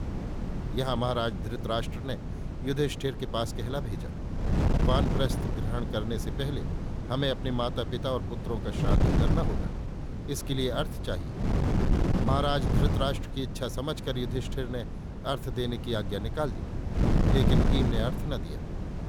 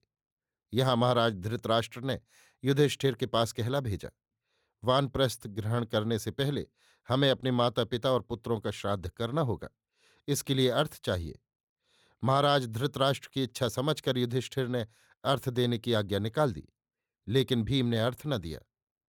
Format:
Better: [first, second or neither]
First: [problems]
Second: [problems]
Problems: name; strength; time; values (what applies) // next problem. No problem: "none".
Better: second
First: wind noise on the microphone; heavy; 5 dB below the speech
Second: none